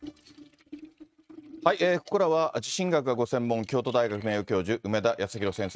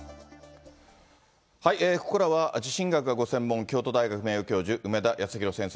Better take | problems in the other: second | noise reduction (neural mask model RNNoise)

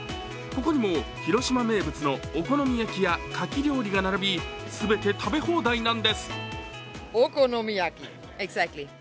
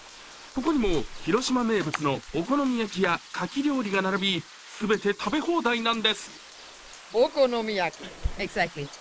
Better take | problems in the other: first | noise reduction (neural mask model Resemble Enhance denoiser)

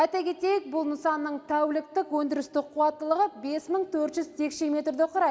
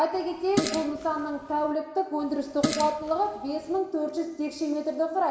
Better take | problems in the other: first | background sound (Fart); 6 dB below the speech // room echo; dies away in 1.2 s

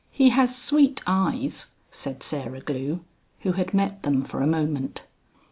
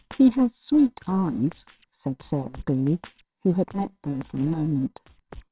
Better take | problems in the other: first | noise reduction (neural separator model SepFormer WHAMR!)

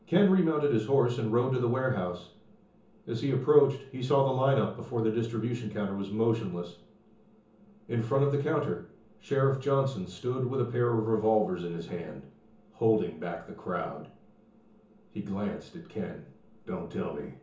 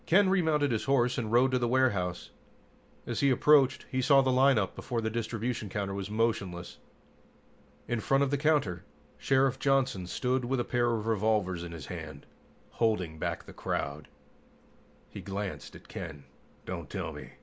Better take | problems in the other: second | room echo; dies away in 0.6 s

